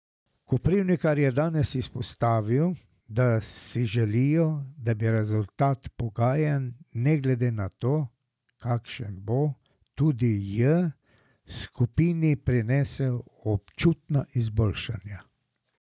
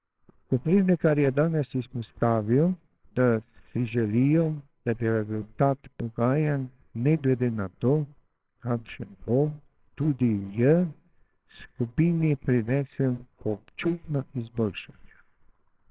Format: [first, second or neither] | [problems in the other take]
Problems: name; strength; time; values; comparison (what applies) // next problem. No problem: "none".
first | noise reduction (neural separator model SepFormer WHAMR!)